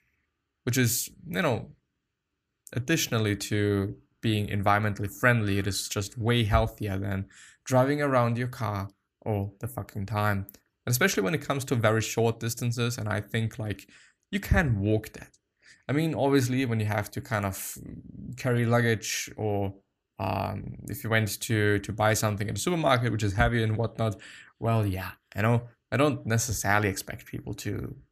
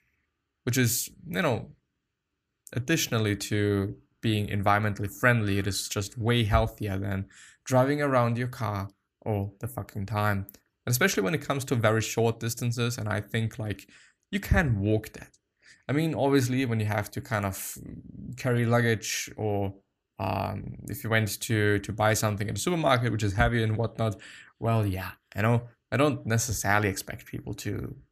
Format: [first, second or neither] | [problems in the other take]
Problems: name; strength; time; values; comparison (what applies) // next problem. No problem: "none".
neither | none